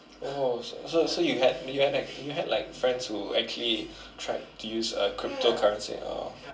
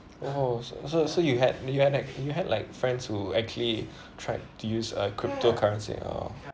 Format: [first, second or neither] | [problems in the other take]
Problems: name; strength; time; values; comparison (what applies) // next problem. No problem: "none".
second | room echo; dies away in 0.2 s